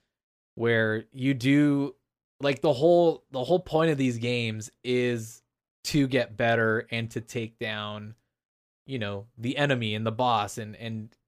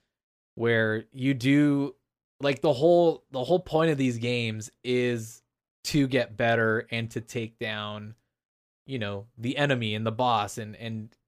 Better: neither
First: none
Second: none

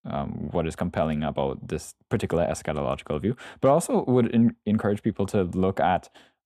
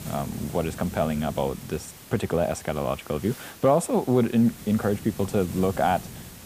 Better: first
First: none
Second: hiss; noticeable; throughout; 15 dB below the speech

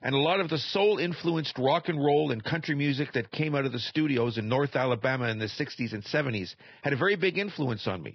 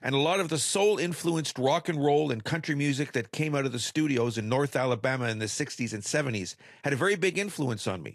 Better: second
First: garbled, watery; badly; nothing above 5.5 kHz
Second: garbled, watery; slightly; nothing above 11.5 kHz

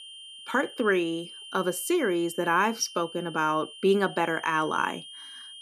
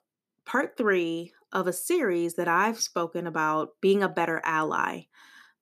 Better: second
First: high-pitched whine; noticeable; throughout; 3 kHz, 15 dB below the speech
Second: none

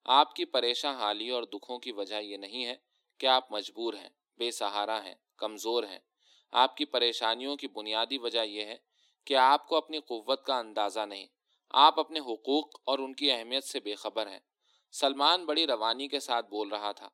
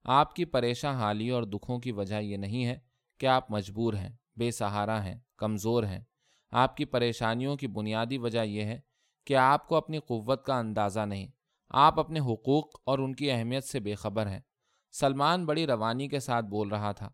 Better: second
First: thin; somewhat; fading below 300 Hz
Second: none

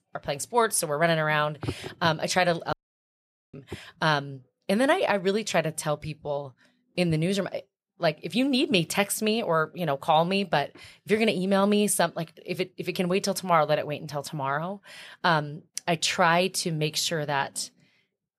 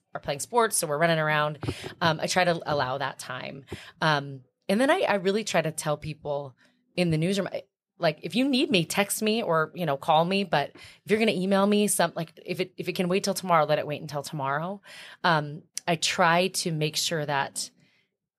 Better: second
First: audio cutting out; at 2.5 s for 1 s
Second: none

